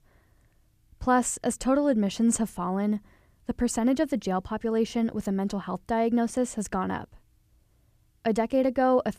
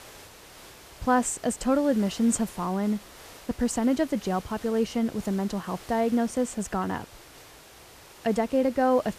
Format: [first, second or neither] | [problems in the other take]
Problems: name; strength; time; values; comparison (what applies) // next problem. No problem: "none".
first | hiss; noticeable; throughout; 20 dB below the speech